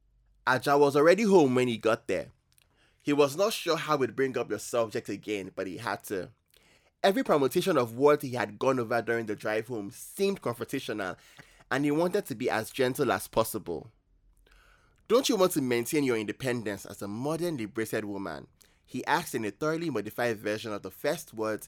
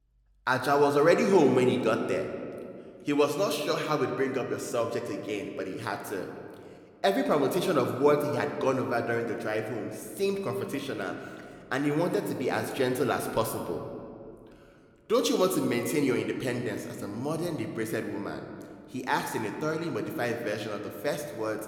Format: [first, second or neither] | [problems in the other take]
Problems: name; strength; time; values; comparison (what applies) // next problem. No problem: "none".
first | room echo; slight; dies away in 1.8 s